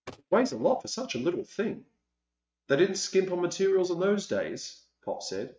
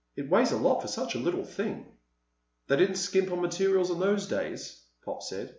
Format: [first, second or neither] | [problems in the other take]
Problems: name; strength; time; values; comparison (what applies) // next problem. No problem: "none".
second | noise reduction (neural mask model RNNoise)